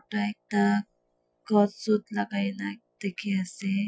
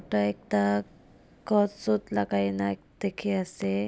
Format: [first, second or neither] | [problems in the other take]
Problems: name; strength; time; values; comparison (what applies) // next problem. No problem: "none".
second | noise reduction (classical method Wiener filter)